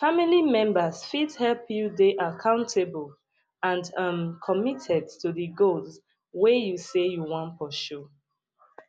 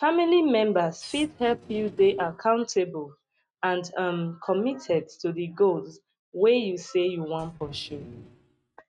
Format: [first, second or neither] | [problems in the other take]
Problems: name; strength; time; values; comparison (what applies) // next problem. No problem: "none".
first | noise reduction (neural mask model RNNoise)